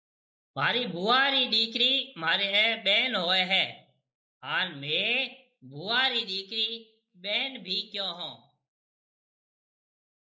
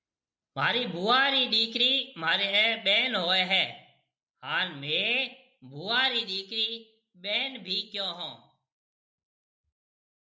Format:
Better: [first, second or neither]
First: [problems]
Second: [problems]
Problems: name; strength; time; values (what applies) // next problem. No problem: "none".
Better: second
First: noise reduction (neural mask model Resemble Enhance denoiser)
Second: none